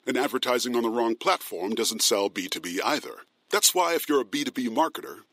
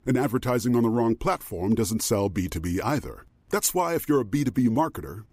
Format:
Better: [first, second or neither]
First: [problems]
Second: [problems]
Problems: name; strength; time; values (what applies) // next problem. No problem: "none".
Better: second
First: thin; somewhat; fading below 300 Hz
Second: none